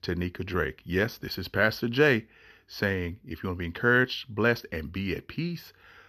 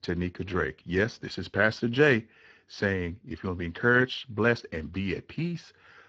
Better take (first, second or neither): first